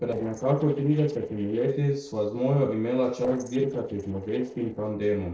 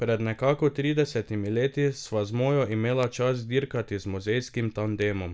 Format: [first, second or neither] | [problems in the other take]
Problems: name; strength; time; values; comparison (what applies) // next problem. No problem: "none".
second | noise reduction (neural separator model SepFormer DNS4)